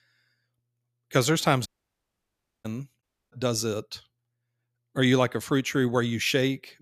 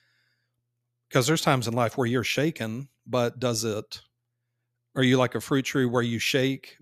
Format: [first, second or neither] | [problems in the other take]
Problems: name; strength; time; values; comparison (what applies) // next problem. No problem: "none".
second | audio cutting out; at 1.5 s for 1 s and at 3 s